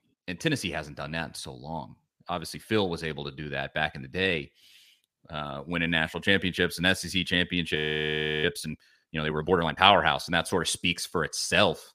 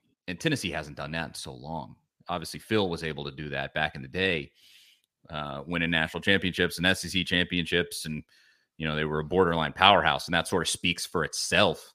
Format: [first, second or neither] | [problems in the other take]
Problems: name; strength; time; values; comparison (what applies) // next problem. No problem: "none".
second | audio freezing; at 8 s for 0.5 s